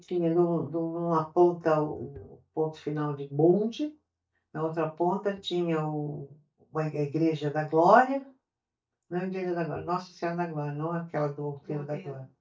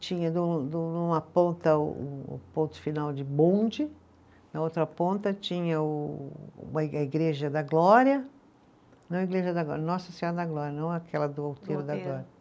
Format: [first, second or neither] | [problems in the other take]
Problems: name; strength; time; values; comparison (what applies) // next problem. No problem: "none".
second | noise reduction (neural mask model DeepFilterNet 3)